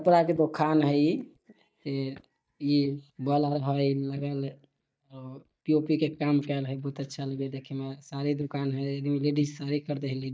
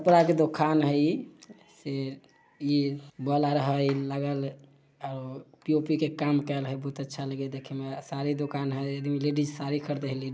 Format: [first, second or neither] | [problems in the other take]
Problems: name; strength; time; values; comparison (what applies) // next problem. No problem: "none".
second | noise reduction (neural mask model DeepFilterNet 3)